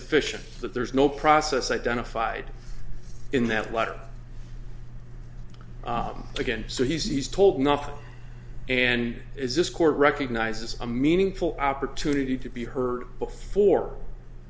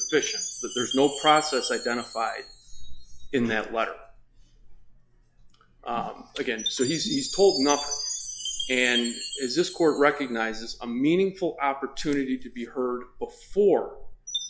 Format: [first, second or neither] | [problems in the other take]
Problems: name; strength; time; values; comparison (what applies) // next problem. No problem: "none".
first | noise reduction (classical method log-MMSE)